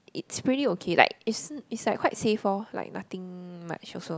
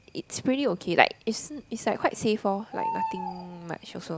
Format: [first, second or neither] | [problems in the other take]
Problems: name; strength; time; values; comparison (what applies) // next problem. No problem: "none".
first | background sound (Bird); 10 dB below the speech